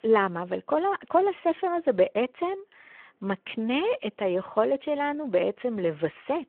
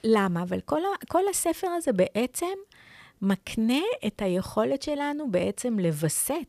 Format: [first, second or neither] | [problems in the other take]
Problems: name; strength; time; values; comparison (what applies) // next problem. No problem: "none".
second | phone-call audio